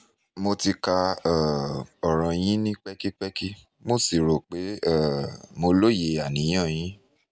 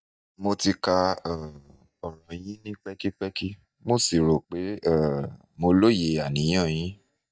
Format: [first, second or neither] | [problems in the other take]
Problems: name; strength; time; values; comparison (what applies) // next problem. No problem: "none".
first | noise reduction (neural mask model DeepFilterNet 3)